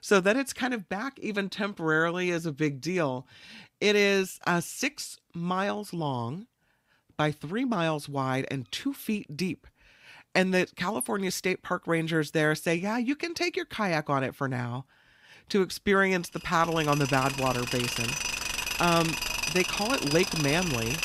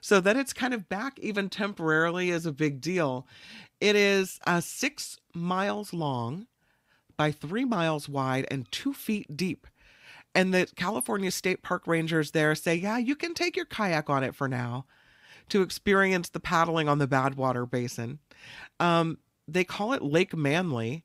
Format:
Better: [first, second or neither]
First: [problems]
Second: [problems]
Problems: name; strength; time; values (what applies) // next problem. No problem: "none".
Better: second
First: machinery noise; loud; from 17 s on; 2 dB below the speech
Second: none